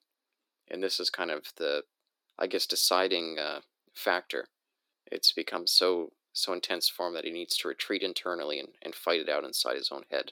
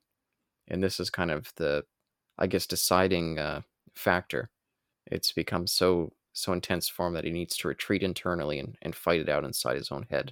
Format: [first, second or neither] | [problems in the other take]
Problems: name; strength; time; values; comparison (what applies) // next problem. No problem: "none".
second | thin; somewhat; fading below 300 Hz